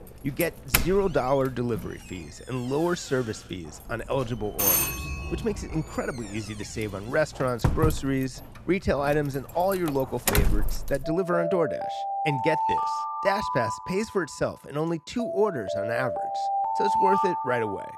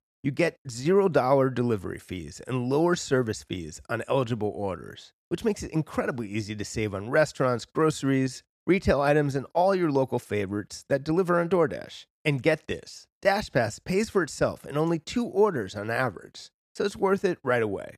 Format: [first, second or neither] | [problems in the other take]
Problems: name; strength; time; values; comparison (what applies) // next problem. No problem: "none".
second | alarms or sirens; very loud; throughout; 1 dB above the speech